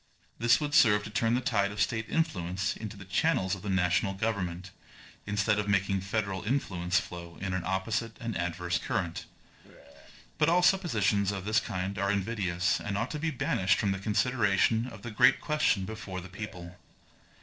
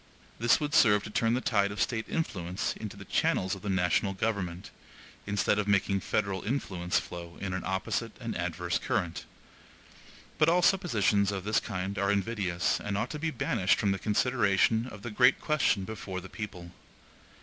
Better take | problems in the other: second | noise reduction (neural separator model SepFormer DNS4)

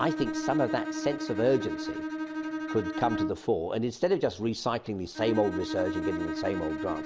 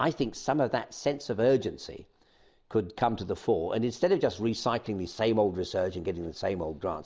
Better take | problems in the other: second | background sound (Bowed string instrument); 4 dB below the speech

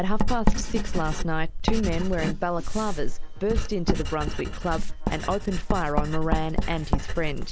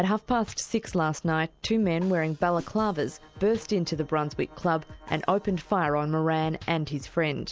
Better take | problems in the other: second | background sound (Writing); 4 dB above the speech

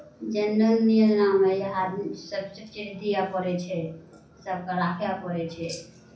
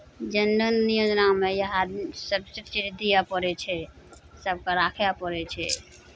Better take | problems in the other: second | room echo; dies away in 0.6 s

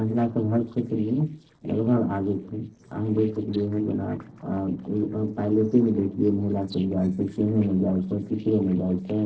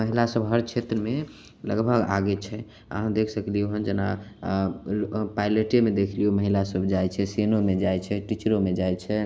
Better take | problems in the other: second | noise reduction (neural separator model SepFormer DNS4)

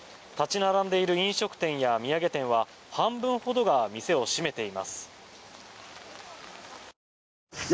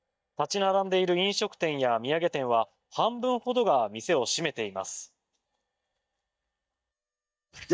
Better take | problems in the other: first | noise reduction (neural mask model DeepFilterNet 3)

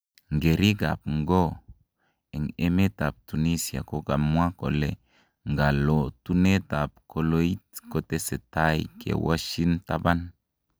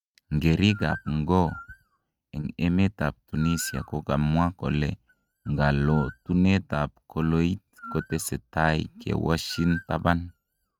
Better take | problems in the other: first | noise reduction (neural mask model RNNoise)

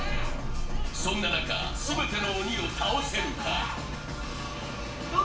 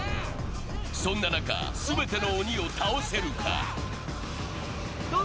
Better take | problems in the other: second | room echo; dies away in 0.4 s

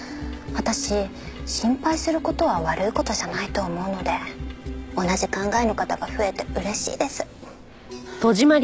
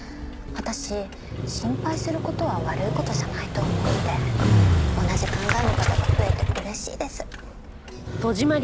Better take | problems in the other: first | background sound (Motorcycle); 5 dB above the speech

